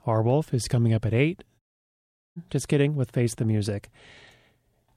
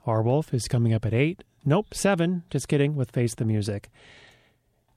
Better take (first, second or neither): second